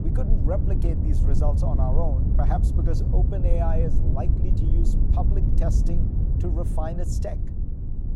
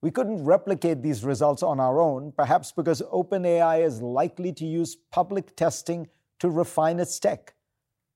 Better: second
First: low rumble; loud; throughout; 4 dB below the speech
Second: none

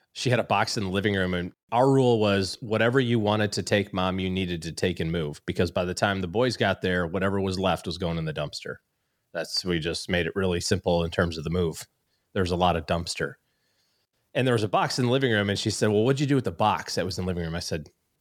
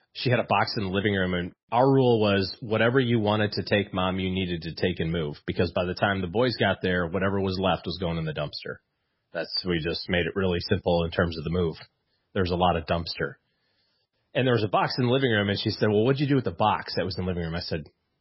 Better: first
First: none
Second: garbled, watery; badly; nothing above 5.5 kHz

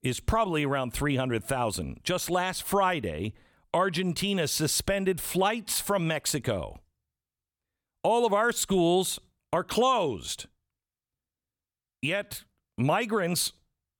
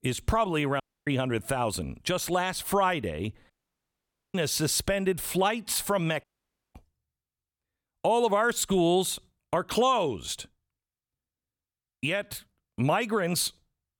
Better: first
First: none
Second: audio cutting out; at 1 s, at 3.5 s for 1 s and at 6 s for 0.5 s

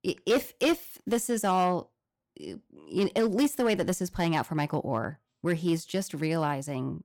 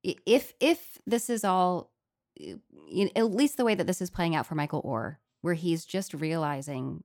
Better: second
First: distortion; slight; 4% of the sound clipped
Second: none

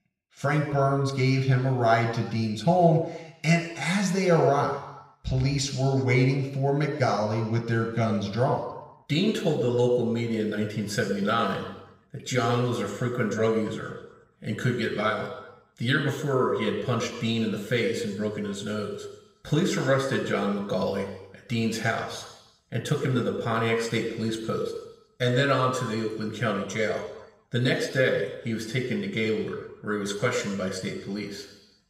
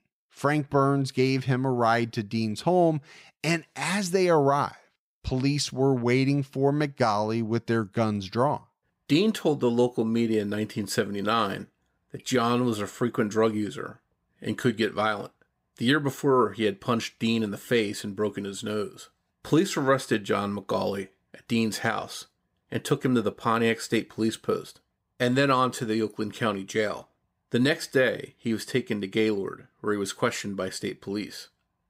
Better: second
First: room echo; noticeable; dies away in 1 s // off-mic speech; somewhat distant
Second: none

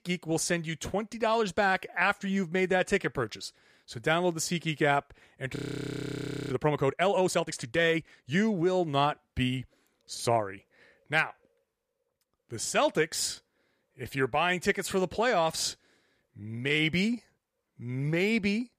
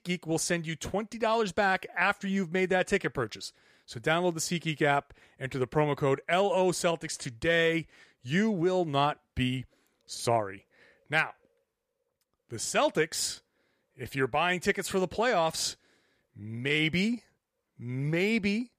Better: second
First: audio freezing; at 5.5 s for 1 s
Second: none

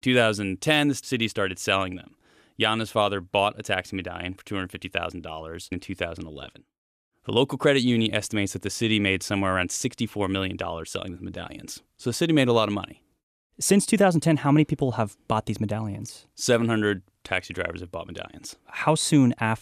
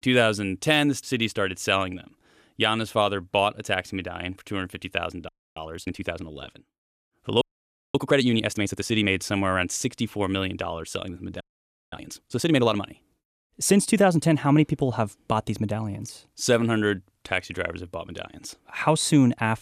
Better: first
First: none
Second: audio freezing; at 5.5 s, at 7.5 s for 0.5 s and at 11 s for 0.5 s

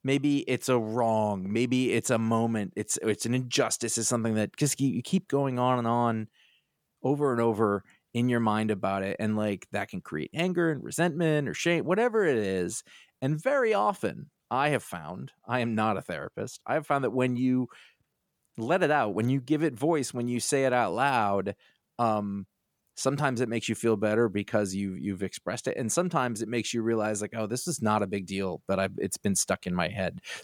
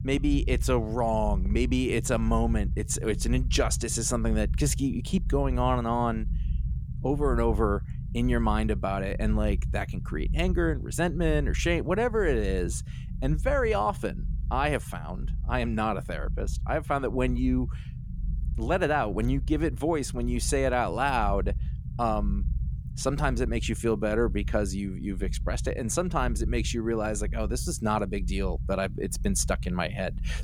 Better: first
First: none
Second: low rumble; faint; throughout; 20 dB below the speech

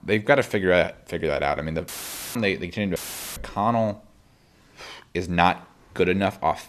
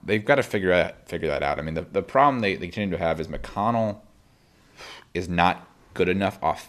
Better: second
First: audio cutting out; filled with static; at 2 s and at 3 s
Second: none

